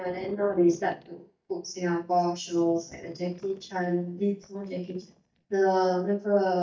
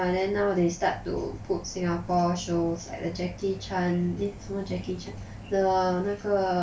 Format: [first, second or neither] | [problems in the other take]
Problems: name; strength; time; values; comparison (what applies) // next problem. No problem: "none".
second | noise reduction (neural mask model DeepFilterNet 3)